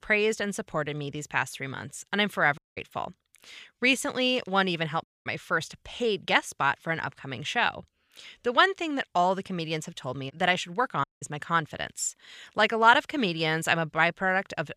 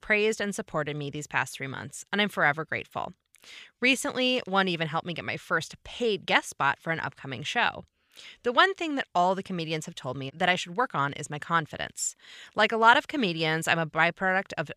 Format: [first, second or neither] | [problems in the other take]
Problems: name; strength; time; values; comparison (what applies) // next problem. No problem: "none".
second | audio cutting out; at 2.5 s, at 5 s and at 11 s